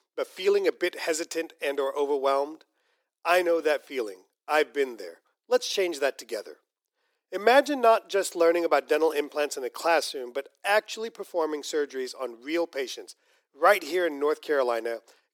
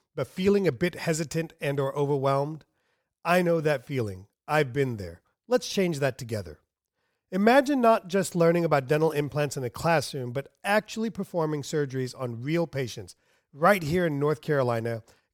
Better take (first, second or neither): second